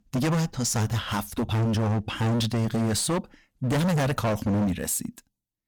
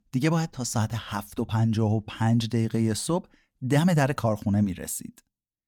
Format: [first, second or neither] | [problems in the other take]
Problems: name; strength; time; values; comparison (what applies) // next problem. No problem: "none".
second | distortion; heavy; 26% of the sound clipped